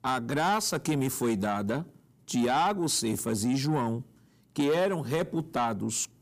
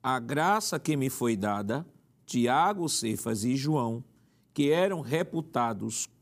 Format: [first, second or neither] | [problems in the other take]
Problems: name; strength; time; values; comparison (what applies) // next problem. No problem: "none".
second | distortion; slight; 10 dB below the speech